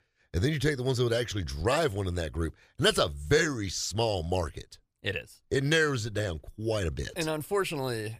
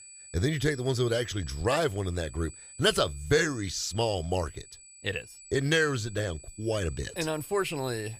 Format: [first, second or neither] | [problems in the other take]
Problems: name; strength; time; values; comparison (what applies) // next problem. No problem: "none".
first | high-pitched whine; noticeable; throughout; 8 kHz, 15 dB below the speech